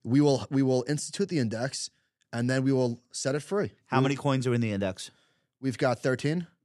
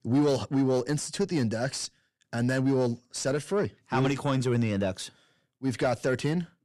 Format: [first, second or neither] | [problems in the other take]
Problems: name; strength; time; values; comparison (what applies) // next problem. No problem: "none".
first | distortion; slight; 10 dB below the speech